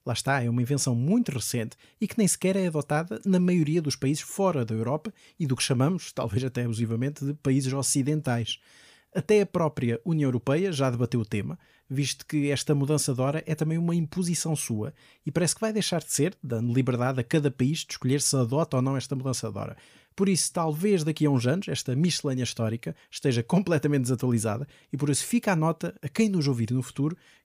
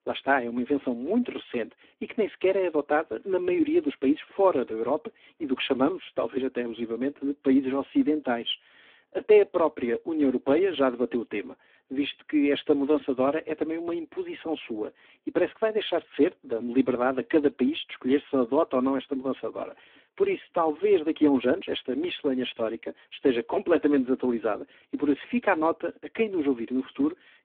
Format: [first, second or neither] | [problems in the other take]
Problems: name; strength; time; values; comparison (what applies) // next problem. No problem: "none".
first | phone-call audio; poor line; nothing above 3.5 kHz